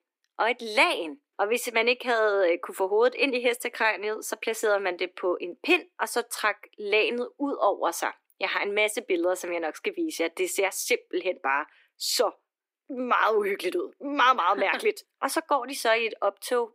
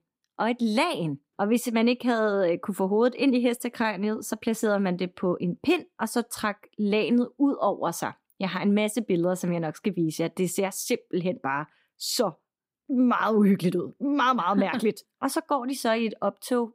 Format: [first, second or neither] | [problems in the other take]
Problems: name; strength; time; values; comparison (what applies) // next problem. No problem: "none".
second | thin; very; fading below 350 Hz